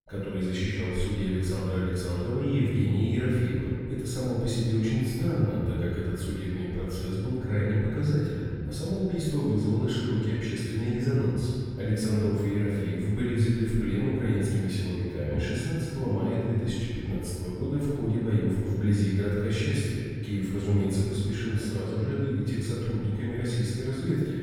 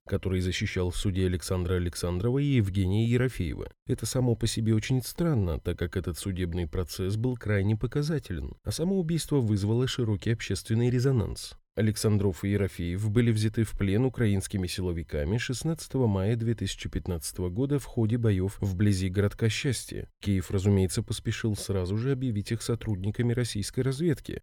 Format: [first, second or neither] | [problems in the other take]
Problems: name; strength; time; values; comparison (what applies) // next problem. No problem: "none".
second | room echo; strong; dies away in 2.2 s // off-mic speech; far